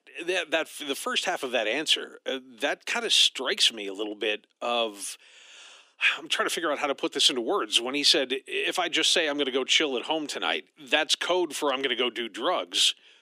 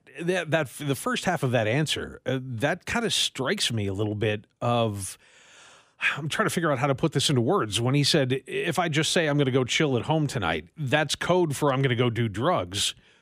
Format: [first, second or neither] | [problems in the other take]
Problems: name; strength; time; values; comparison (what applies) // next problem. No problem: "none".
second | thin; somewhat; fading below 300 Hz